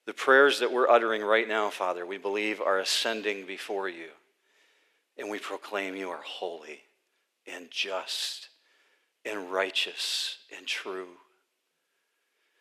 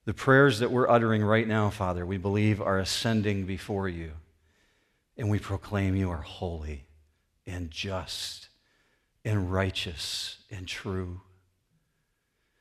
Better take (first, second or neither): second